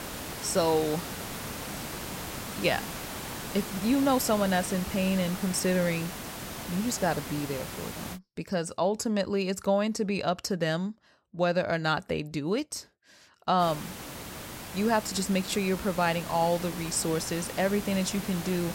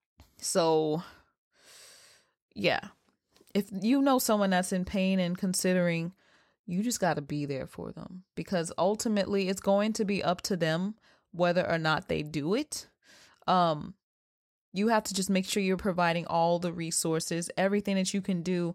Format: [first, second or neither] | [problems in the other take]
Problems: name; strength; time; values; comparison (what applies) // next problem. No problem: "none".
second | hiss; loud; until 8 s and from 14 s on; 9 dB below the speech